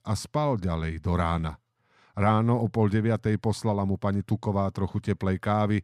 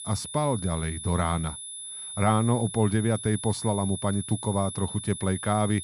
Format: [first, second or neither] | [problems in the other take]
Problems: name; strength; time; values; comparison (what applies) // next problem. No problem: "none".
first | high-pitched whine; loud; throughout; 10 kHz, 8 dB below the speech